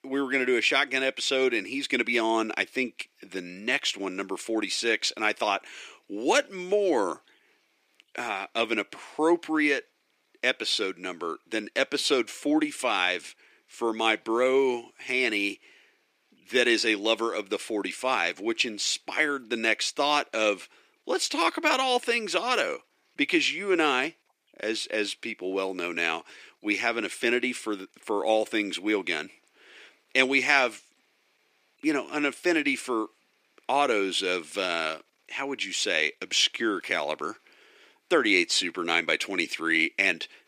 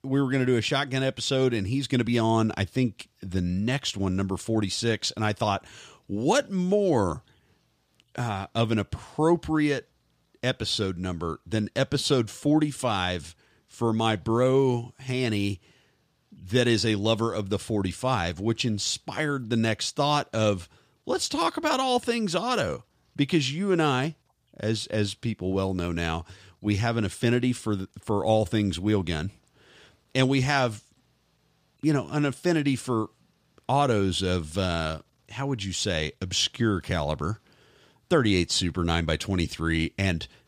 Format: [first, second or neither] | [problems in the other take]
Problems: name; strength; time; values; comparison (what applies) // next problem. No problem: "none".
second | thin; somewhat; fading below 300 Hz